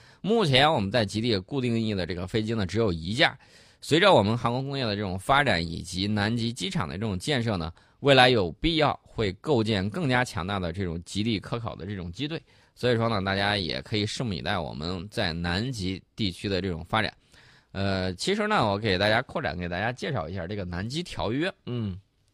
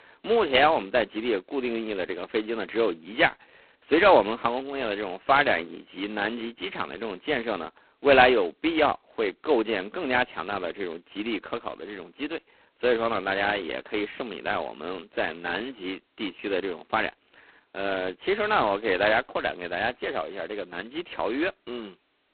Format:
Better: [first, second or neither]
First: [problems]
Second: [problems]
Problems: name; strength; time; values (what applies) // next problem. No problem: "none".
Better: first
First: none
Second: phone-call audio; poor line; nothing above 4 kHz